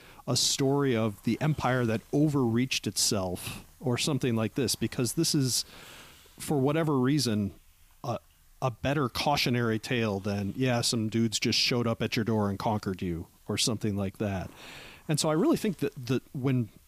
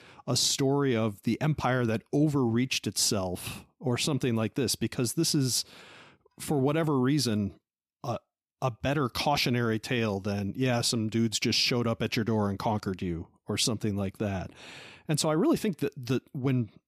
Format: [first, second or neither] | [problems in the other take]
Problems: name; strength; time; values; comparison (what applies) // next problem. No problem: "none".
second | hiss; faint; throughout; 30 dB below the speech